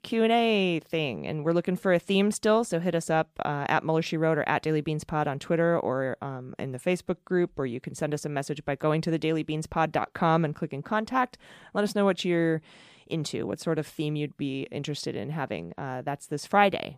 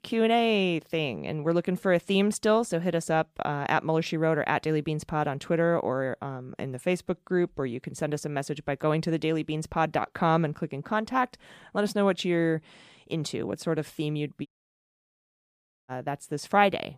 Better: first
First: none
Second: audio cutting out; at 14 s for 1.5 s

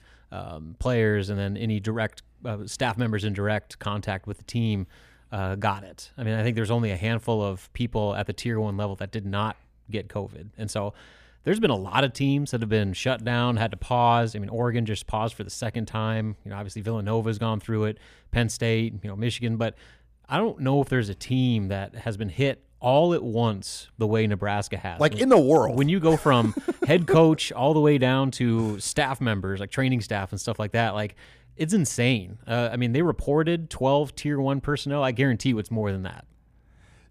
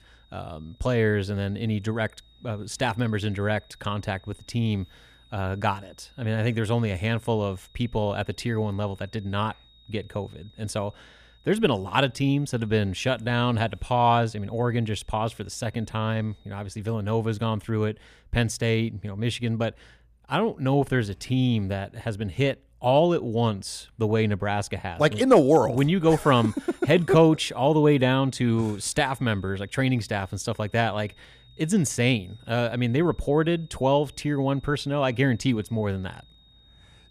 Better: first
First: none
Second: high-pitched whine; faint; until 17 s and from 25 s on; 3.5 kHz, 30 dB below the speech

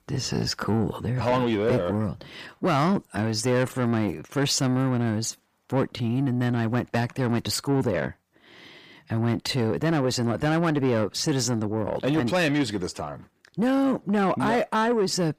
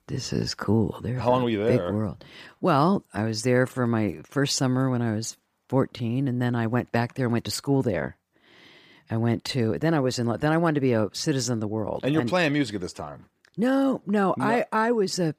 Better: second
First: distortion; slight; 10 dB below the speech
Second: none

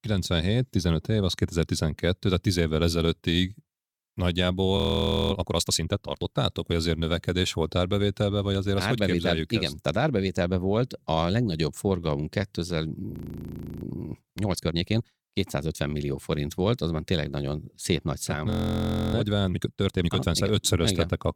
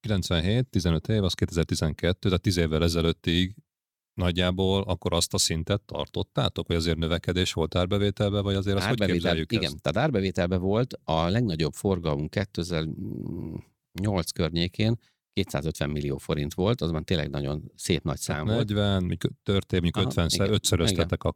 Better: second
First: audio freezing; at 5 s for 0.5 s, at 13 s for 0.5 s and at 19 s for 0.5 s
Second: none

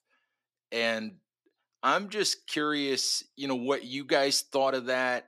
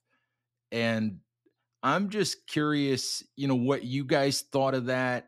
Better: second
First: thin; very slightly; fading below 350 Hz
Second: none

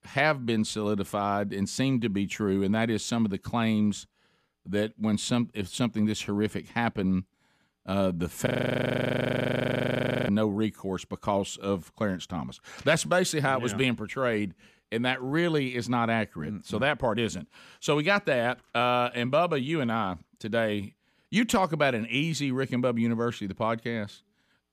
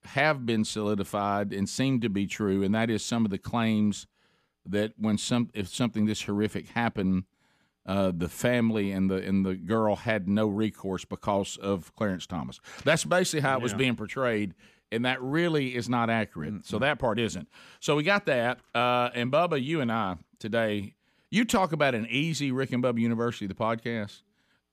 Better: second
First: audio freezing; at 8.5 s for 2 s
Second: none

